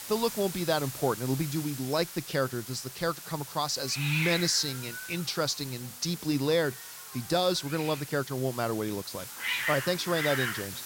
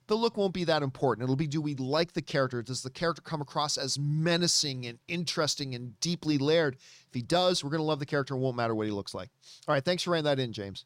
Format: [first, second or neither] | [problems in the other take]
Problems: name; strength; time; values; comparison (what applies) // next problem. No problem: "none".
second | hiss; loud; throughout; 6 dB below the speech